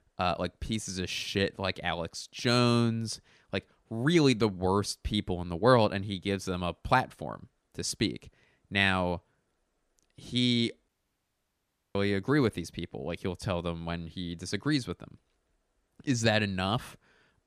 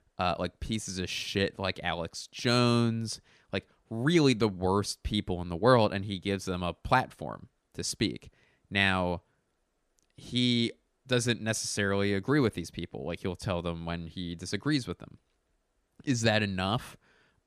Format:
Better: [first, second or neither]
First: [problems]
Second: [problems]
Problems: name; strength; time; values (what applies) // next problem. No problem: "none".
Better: second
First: audio cutting out; at 11 s for 1 s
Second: none